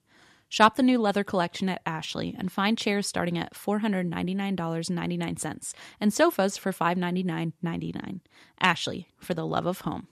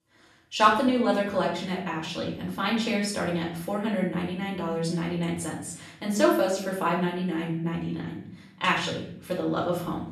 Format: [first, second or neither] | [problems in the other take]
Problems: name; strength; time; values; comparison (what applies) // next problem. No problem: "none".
first | off-mic speech; far // room echo; noticeable; dies away in 0.6 s